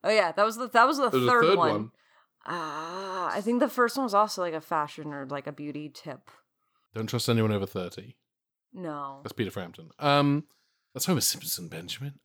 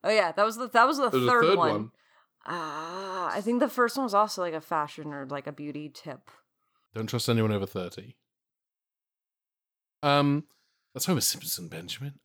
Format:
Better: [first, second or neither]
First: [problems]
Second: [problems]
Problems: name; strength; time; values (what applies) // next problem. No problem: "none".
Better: first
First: none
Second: audio freezing; at 8.5 s for 1.5 s